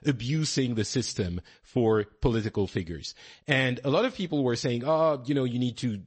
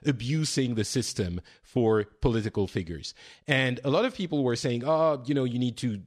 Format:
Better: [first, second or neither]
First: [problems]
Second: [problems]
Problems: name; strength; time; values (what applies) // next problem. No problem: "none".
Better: second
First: garbled, watery; slightly; nothing above 8 kHz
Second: none